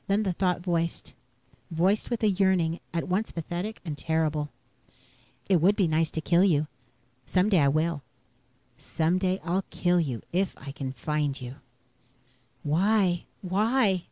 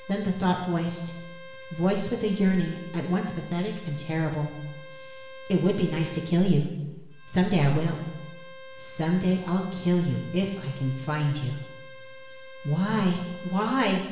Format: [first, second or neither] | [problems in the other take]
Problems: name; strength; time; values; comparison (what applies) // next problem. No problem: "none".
first | background sound (Bowed string instrument); 18 dB below the speech // room echo; dies away in 0.9 s